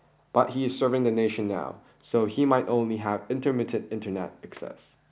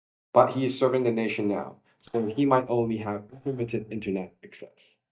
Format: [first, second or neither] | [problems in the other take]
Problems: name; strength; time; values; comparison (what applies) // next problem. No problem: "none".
first | noise reduction (neural mask model DeepFilterNet 3)